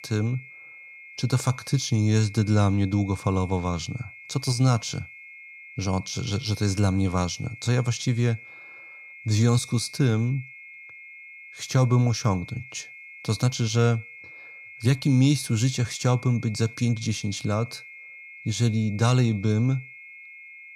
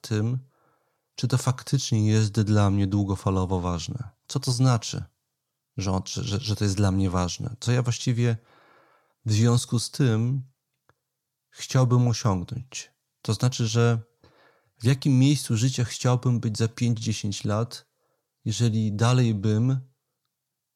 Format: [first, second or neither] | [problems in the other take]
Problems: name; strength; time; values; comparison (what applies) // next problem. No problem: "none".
second | high-pitched whine; noticeable; throughout; 2 kHz, 15 dB below the speech